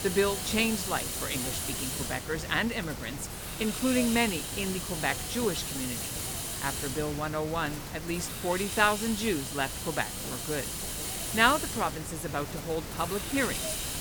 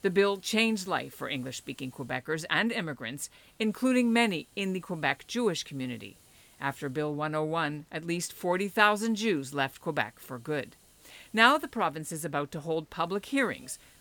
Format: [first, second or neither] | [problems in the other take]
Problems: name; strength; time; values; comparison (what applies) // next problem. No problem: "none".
second | hiss; loud; throughout; 3 dB below the speech; faint in the second